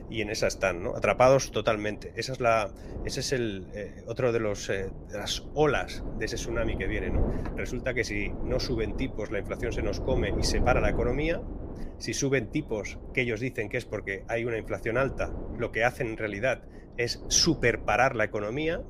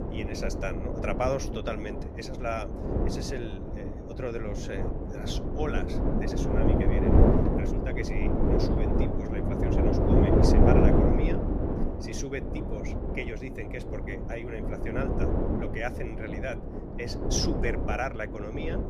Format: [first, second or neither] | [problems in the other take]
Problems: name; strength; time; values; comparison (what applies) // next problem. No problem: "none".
first | wind noise on the microphone; heavy; 3 dB above the speech; occasional gusts in the first